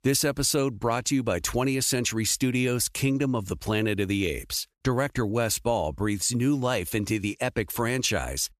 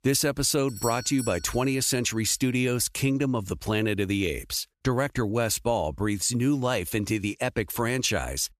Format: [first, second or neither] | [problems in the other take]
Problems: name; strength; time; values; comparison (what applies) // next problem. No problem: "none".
first | doorbell; noticeable; at 0.5 s; peak 9 dB below the speech